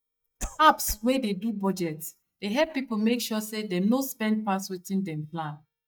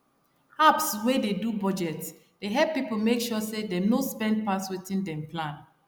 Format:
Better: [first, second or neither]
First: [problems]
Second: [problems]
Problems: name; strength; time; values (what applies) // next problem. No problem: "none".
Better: second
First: noise reduction (neural mask model DeepFilterNet 3)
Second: none